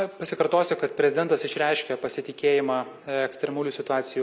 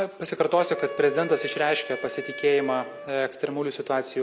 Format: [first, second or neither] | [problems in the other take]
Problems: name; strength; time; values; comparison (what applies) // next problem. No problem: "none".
first | background sound (Wind instrument, woodwind instrument); 13 dB below the speech